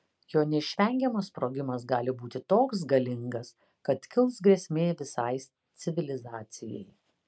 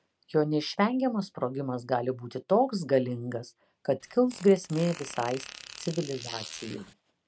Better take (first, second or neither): first